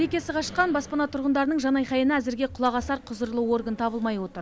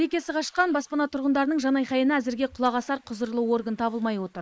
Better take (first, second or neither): first